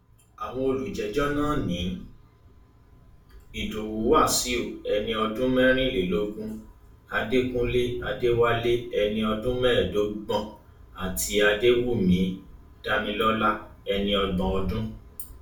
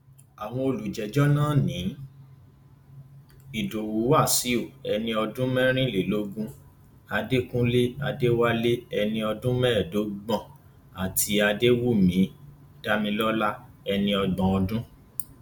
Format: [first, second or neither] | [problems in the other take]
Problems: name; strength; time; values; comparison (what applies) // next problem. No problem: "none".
second | room echo; dies away in 0.4 s